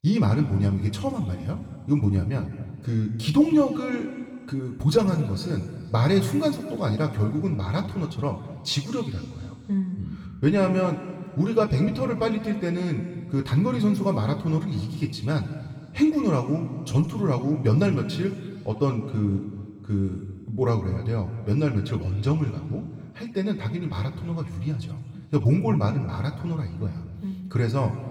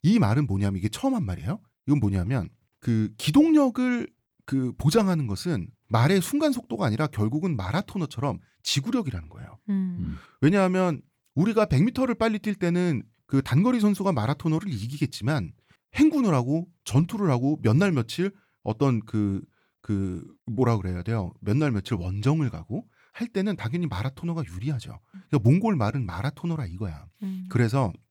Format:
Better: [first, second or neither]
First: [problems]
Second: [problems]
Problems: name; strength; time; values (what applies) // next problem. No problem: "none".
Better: second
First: room echo; slight; dies away in 2.2 s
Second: none